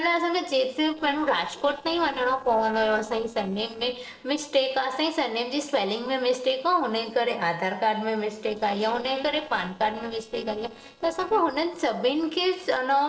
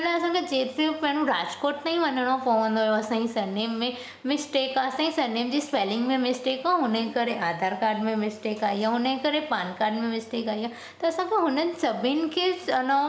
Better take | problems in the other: second | noise reduction (neural separator model SepFormer DNS4)

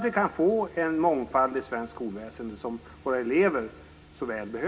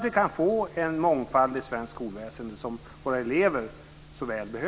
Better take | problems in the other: second | room echo; dies away in 0.3 s

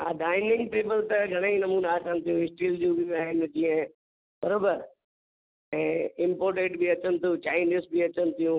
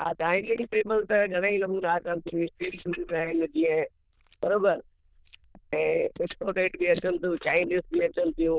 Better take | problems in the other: first | noise reduction (neural diffusion model UNIVERSE++)

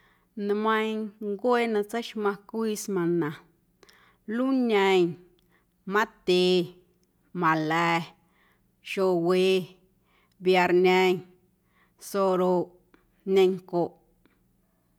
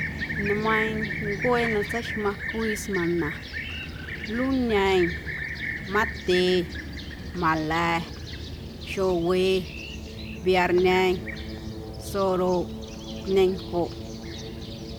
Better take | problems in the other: first | background sound (Fixed-wing aircraft, airplane); 7 dB below the speech

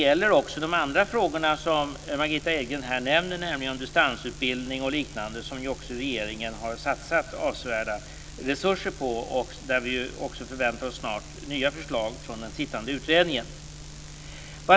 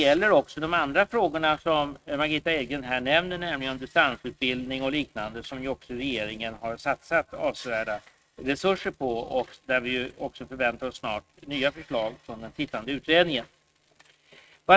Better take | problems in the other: first | noise reduction (neural mask model RNNoise)

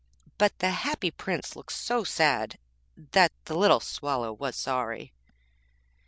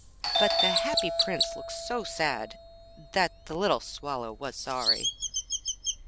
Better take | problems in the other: first | background sound (Doorbell + Chirp, tweet); 1 dB above the speech

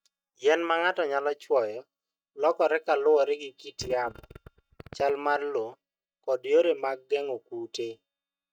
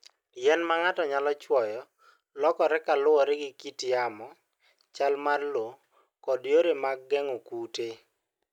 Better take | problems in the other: second | noise reduction (neural mask model DeepFilterNet 3)

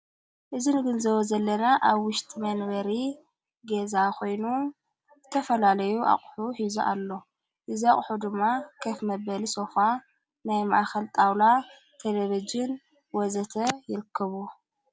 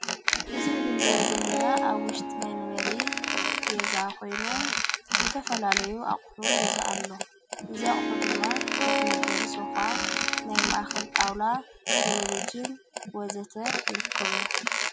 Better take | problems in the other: first | background sound (Harp + Squeak); 5 dB above the speech

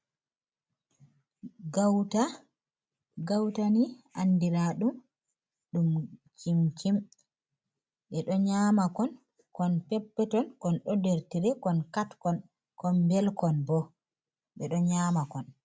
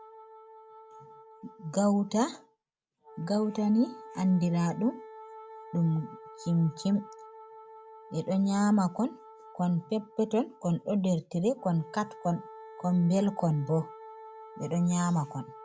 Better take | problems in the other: first | background sound (Wind instrument, woodwind instrument); 19 dB below the speech

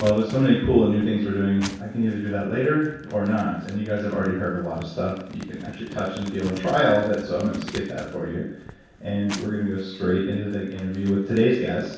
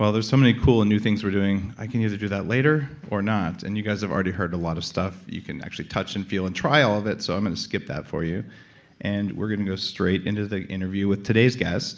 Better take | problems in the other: second | background sound (Crumpling, crinkling); 19 dB below the speech // room echo; dies away in 0.7 s

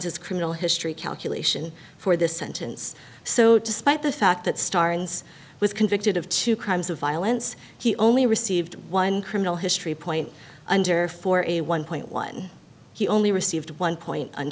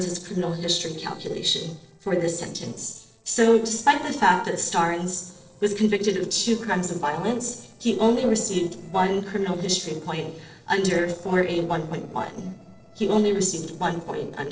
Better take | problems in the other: first | noise reduction (neural separator model SepFormer DNS4)

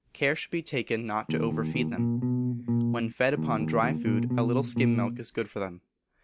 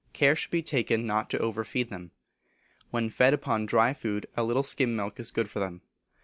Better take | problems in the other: second | background sound (Bass guitar); 3 dB above the speech

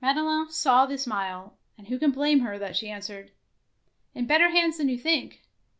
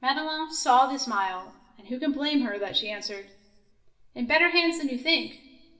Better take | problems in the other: first | room echo; dies away in 1.4 s

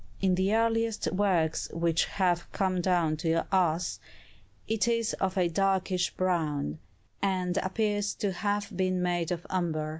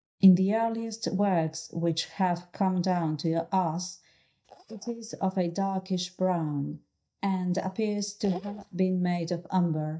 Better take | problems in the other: first | noise reduction (neural mask model DeepFilterNet 3)

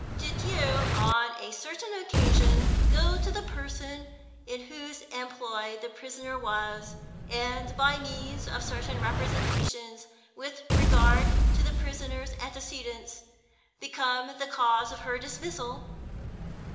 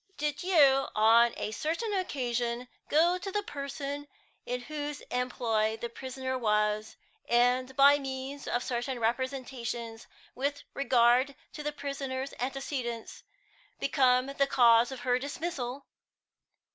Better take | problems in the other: second | background sound (Explosion); 5 dB above the speech // room echo; dies away in 0.8 s

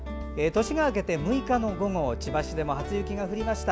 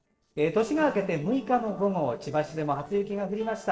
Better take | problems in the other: first | noise reduction (neural separator model SepFormer DNS4)

